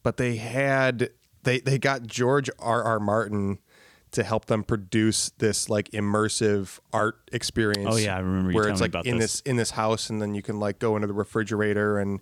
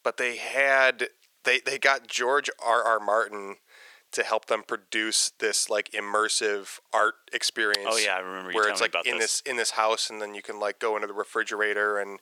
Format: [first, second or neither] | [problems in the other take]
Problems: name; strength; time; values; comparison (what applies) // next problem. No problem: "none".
first | thin; very; fading below 500 Hz